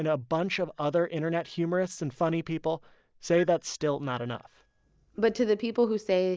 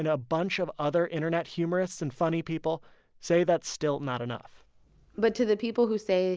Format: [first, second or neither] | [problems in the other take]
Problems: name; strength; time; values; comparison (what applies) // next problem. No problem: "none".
second | noise reduction (neural mask model DeepFilterNet 3)